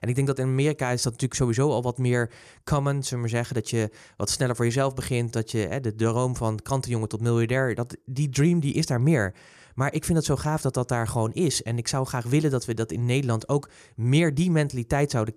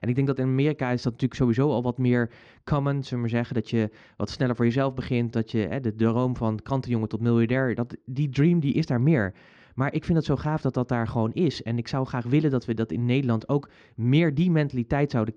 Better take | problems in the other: first | muffled; slightly; fading above 4 kHz

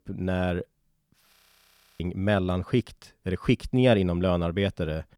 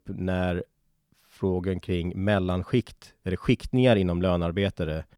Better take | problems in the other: second | audio freezing; at 1.5 s for 0.5 s

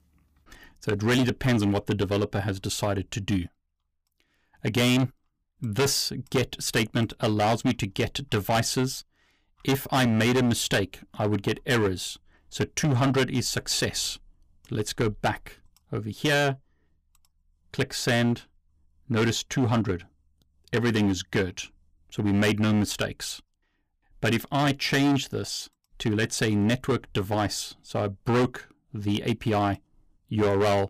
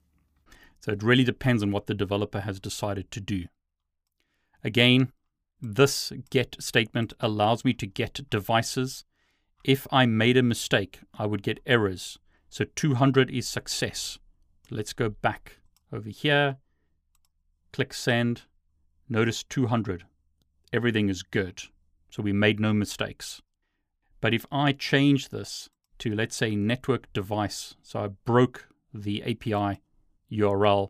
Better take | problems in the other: second | distortion; heavy; 9% of the sound clipped

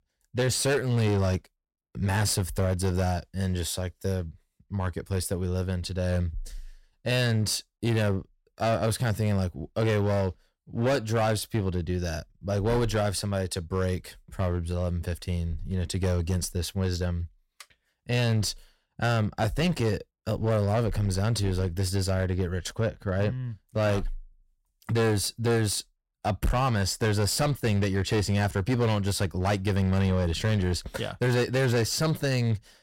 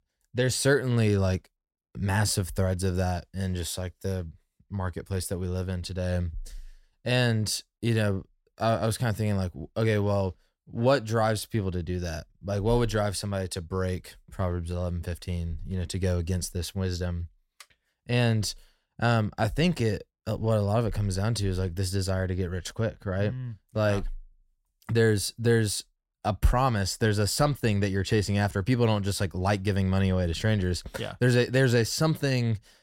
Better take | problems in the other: second | distortion; slight; 12% of the sound clipped

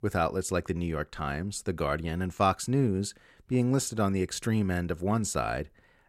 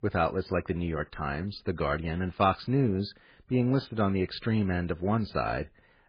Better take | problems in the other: first | garbled, watery; badly; nothing above 4 kHz

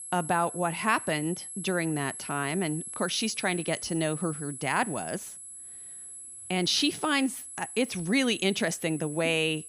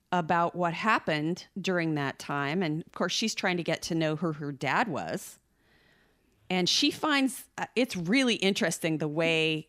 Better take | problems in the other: second | high-pitched whine; loud; throughout; 11 kHz, 10 dB below the speech

